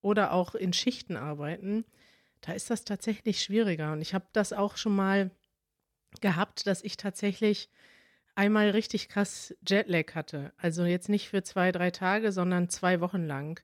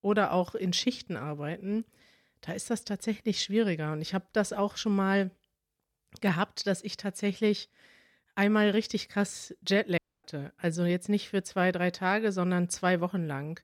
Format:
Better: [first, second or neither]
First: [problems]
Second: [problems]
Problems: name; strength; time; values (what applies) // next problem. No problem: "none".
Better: first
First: none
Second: audio cutting out; at 10 s